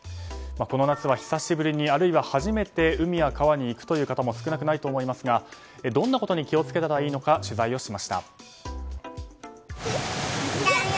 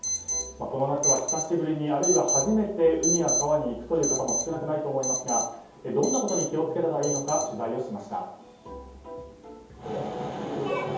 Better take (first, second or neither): first